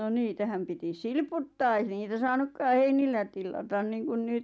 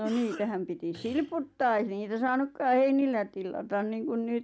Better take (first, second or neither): first